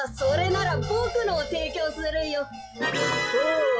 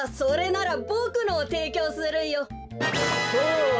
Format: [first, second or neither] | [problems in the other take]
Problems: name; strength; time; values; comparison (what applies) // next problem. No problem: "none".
second | noise reduction (classical method log-MMSE)